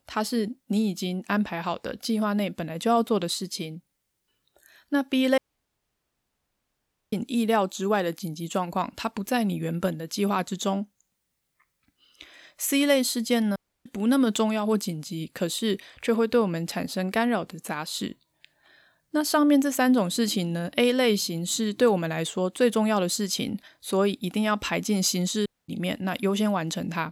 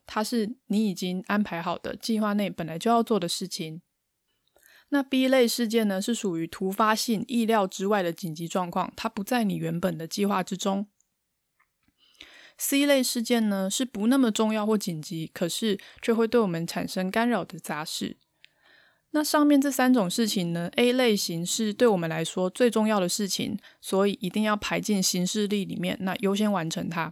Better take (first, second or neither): second